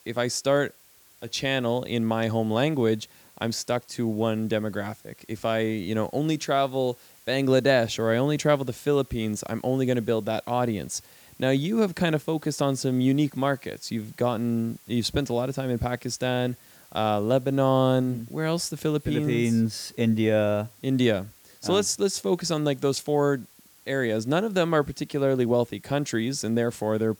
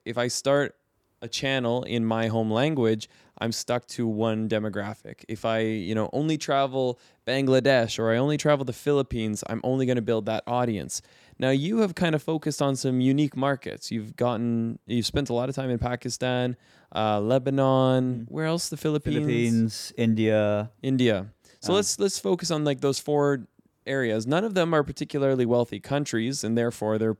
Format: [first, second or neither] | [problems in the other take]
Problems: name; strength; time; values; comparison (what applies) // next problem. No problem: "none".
second | hiss; faint; throughout; 25 dB below the speech